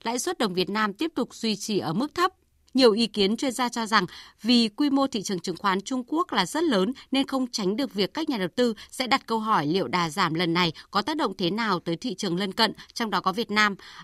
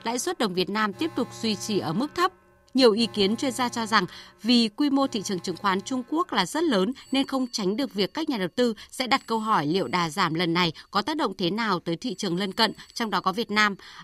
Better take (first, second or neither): first